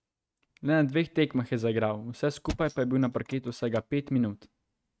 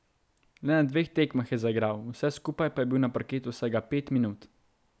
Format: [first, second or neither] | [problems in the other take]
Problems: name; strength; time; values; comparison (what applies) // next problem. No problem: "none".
second | noise reduction (neural mask model RNNoise)